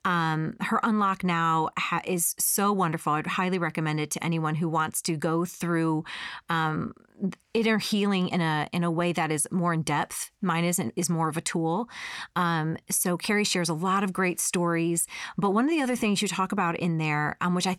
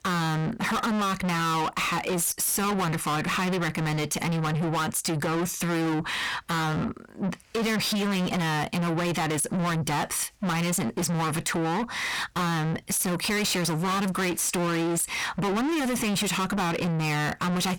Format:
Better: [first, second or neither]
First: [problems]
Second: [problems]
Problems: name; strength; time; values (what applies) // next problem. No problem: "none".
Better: first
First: none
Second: distortion; heavy; 6 dB below the speech